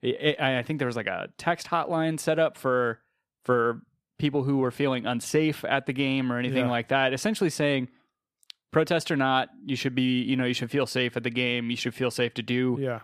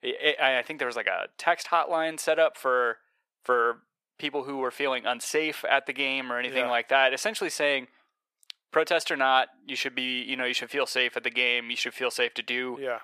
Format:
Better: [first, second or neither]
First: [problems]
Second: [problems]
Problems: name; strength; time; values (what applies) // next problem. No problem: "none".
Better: first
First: none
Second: thin; very; fading below 600 Hz